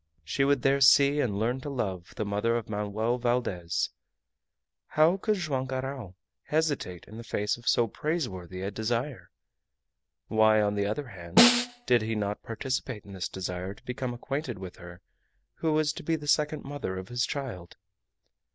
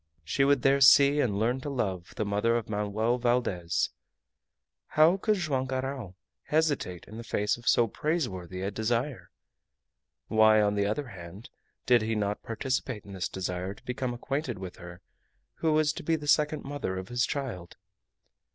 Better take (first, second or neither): second